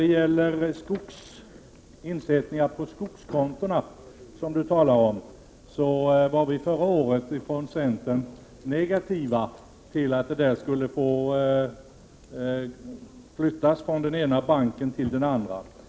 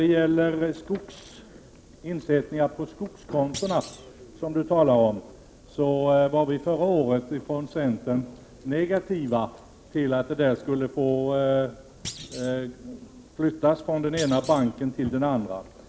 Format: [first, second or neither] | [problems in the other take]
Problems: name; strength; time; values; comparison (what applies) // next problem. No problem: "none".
first | background sound (Thump, thud); 17 dB below the speech